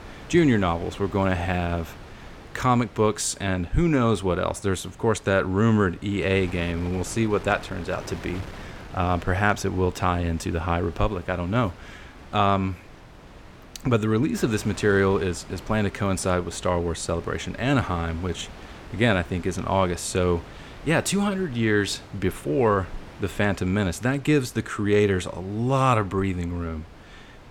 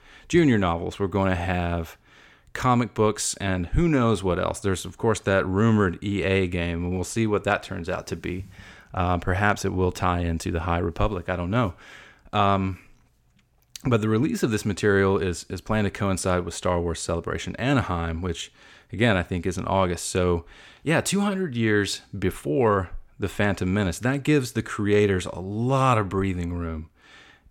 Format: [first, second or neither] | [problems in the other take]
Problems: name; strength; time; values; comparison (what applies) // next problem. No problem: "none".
second | wind noise on the microphone; occasional gusts; 20 dB below the speech